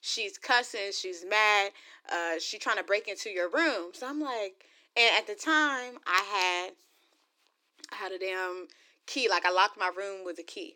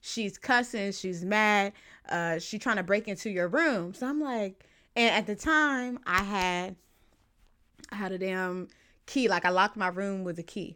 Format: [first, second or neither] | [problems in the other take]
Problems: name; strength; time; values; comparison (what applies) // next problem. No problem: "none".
second | thin; somewhat; fading below 300 Hz